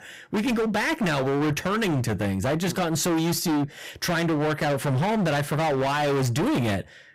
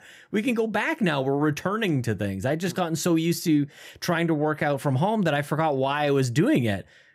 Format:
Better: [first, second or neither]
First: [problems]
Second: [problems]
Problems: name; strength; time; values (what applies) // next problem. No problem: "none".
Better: second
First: distortion; heavy; 36% of the sound clipped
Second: none